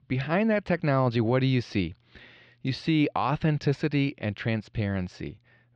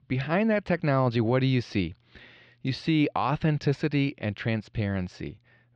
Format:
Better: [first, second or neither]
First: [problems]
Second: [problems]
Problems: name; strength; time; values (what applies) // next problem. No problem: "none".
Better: neither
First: muffled; slightly; fading above 3.5 kHz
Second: muffled; slightly; fading above 3.5 kHz